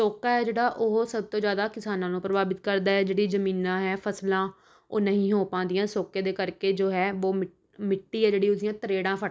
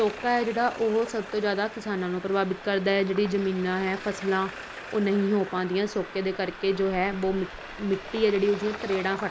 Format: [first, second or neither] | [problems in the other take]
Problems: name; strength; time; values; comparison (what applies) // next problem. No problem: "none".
first | background sound (Traffic noise, roadway noise); 13 dB below the speech